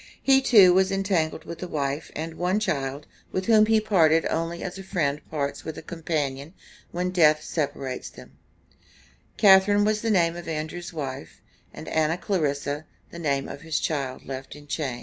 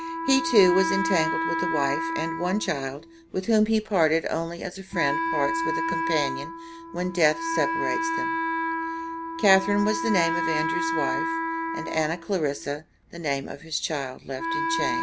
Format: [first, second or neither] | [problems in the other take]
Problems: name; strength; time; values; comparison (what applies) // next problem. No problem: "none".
first | background sound (Wind instrument, woodwind instrument); 2 dB below the speech